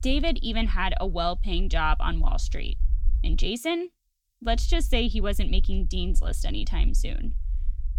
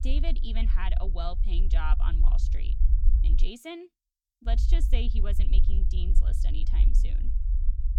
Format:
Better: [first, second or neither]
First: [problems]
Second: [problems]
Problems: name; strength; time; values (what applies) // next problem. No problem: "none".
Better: first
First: low rumble; faint; until 3.5 s and from 4.5 s on; 25 dB below the speech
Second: low rumble; loud; until 3.5 s and from 4.5 s on; 9 dB below the speech